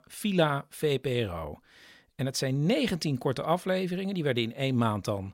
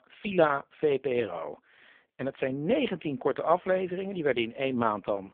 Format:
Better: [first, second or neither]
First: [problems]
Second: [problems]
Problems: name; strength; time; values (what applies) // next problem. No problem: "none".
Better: first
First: none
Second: phone-call audio; poor line